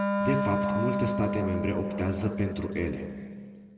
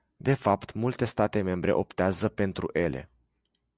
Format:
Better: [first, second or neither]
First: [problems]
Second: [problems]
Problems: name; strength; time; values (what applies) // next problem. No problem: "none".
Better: second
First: background sound (Wind instrument, woodwind instrument); as loud as the speech // room echo; dies away in 2 s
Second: none